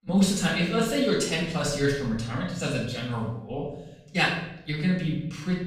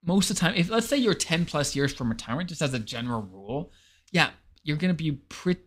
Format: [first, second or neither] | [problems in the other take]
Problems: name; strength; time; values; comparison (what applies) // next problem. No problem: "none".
second | room echo; noticeable; dies away in 0.7 s // off-mic speech; far